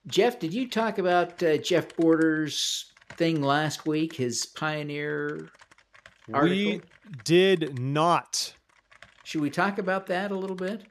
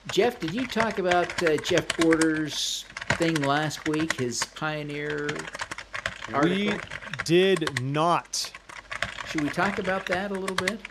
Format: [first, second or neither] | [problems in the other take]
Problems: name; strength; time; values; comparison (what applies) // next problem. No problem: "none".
first | household noises; loud; throughout; 6 dB below the speech; faint in the first